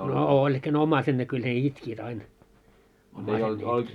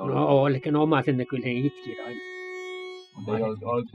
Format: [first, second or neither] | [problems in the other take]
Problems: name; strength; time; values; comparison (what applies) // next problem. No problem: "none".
first | noise reduction (classical method spectral subtraction)